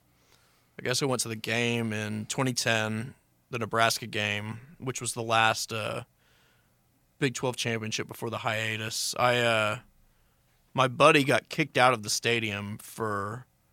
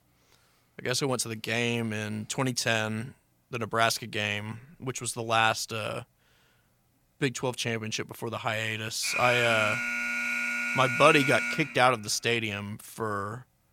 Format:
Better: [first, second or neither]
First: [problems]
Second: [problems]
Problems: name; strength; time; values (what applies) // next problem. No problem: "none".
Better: first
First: none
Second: alarm; loud; from 9 to 12 s; peak level with the speech